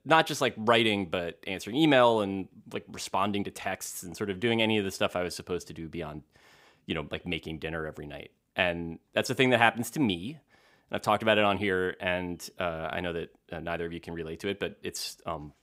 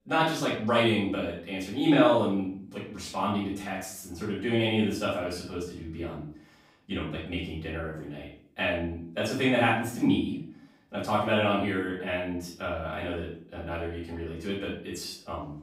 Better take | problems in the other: first | off-mic speech; far // room echo; noticeable; dies away in 0.5 s

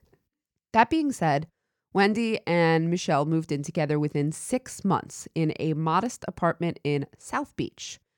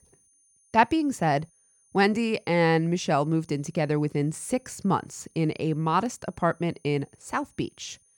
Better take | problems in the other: first | high-pitched whine; faint; throughout; 9.5 kHz, 35 dB below the speech

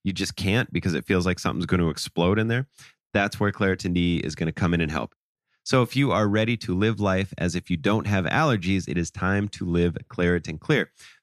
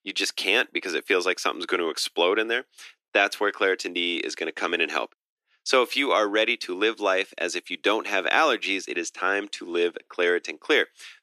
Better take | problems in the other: first | thin; very; fading below 350 Hz

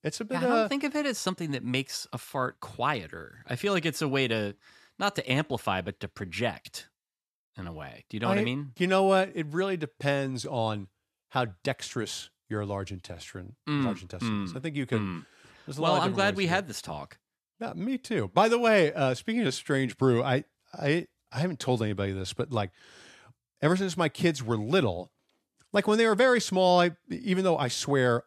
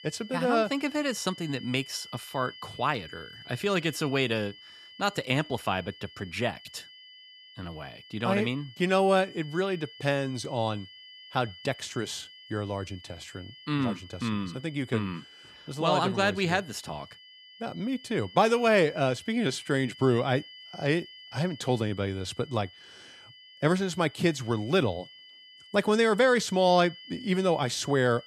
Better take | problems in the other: first | high-pitched whine; noticeable; throughout; 3 kHz, 20 dB below the speech

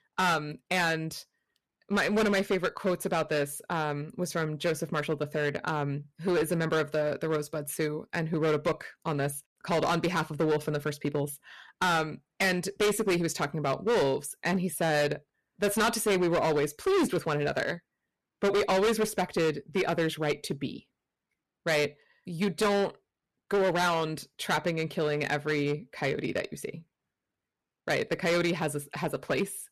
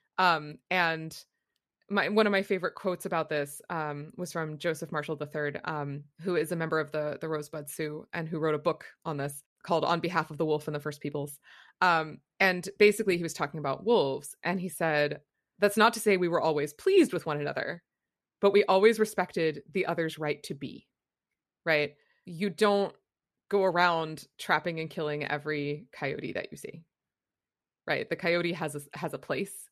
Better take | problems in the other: second | distortion; heavy; 11% of the sound clipped

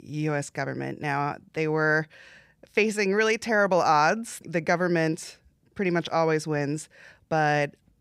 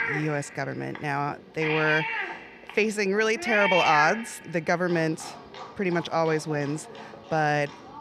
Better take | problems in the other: first | animal sounds; loud; throughout; 3 dB below the speech

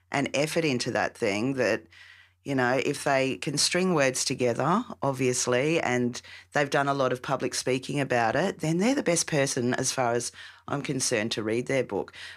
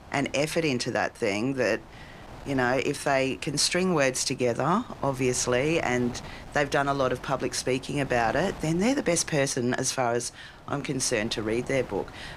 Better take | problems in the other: first | wind noise on the microphone; occasional gusts; 20 dB below the speech

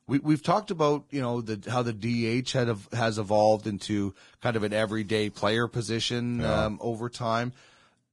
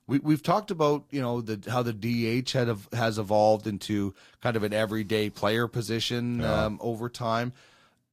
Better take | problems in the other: second | garbled, watery; badly; nothing above 10.5 kHz; slightly in the second

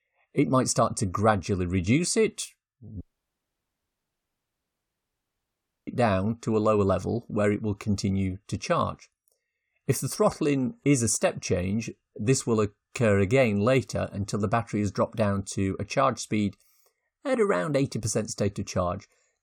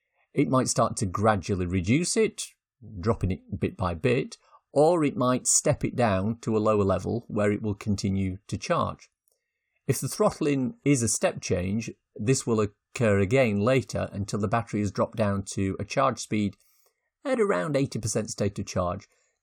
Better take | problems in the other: second | audio cutting out; at 3 s for 3 s

